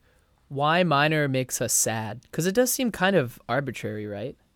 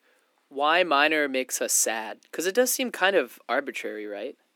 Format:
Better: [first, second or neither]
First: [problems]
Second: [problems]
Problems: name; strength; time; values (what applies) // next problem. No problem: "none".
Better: first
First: none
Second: thin; somewhat; fading below 250 Hz